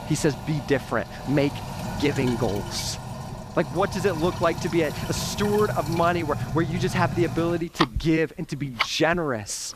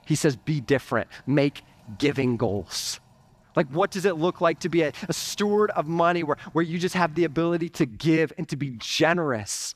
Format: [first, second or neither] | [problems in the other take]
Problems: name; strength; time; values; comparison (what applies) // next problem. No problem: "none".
second | household noises; loud; throughout; 6 dB below the speech; faint in the second